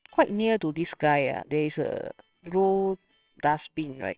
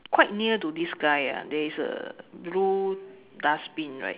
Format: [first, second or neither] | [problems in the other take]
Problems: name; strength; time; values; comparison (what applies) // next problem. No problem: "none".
second | noise reduction (neural separator model SepFormer WHAMR!)